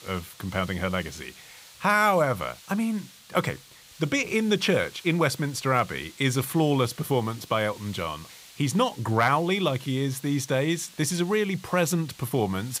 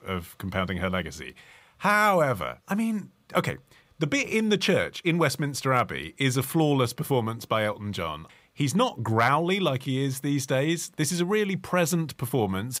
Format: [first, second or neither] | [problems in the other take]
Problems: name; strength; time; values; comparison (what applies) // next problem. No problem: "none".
second | hiss; faint; throughout; 20 dB below the speech